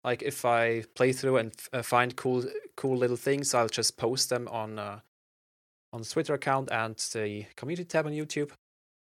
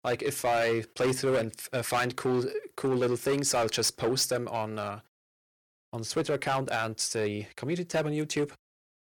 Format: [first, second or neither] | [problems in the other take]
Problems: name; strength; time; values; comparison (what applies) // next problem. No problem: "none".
first | distortion; heavy; 8% of the sound clipped